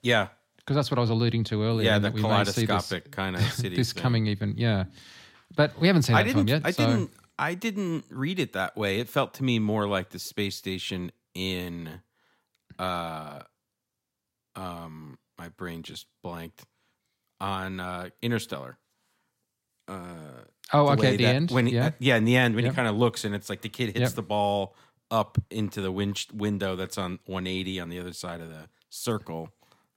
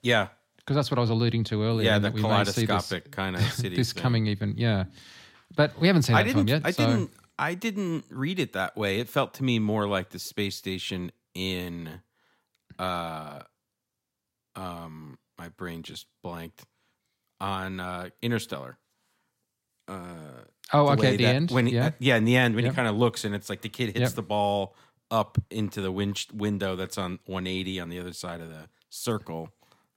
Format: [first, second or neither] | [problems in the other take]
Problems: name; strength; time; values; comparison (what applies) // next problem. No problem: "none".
neither | none